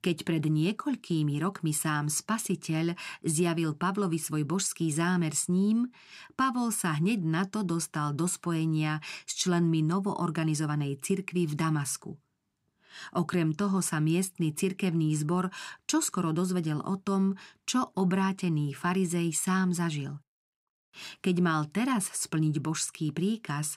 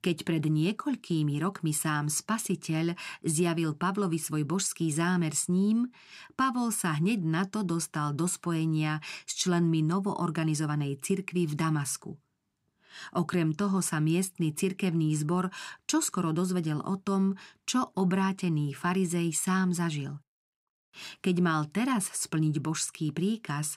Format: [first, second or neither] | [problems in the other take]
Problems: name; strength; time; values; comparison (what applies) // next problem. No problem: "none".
neither | none